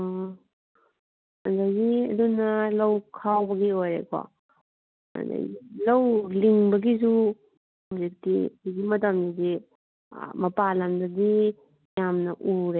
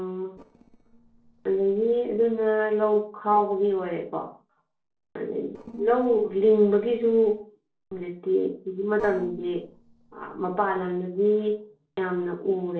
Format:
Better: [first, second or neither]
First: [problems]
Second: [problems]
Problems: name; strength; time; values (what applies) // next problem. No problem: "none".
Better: first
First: none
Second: noise reduction (neural separator model SepFormer DNS4)